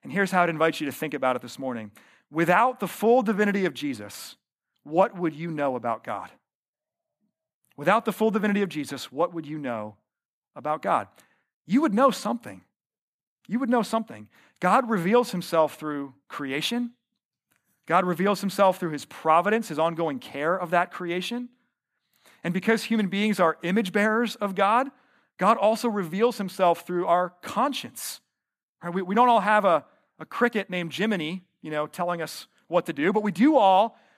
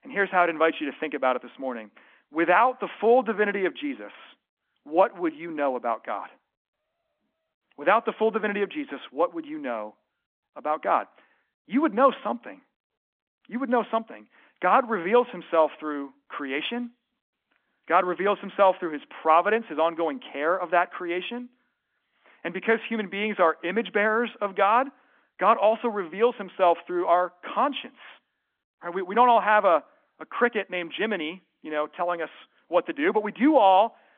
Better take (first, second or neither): first